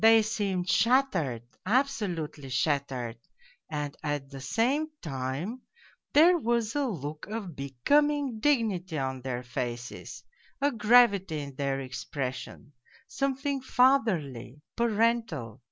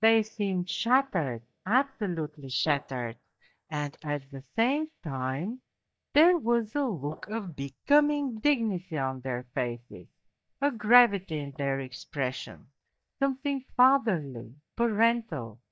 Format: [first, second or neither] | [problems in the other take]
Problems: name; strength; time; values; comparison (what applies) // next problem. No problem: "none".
first | noise reduction (neural mask model DeepFilterNet 3)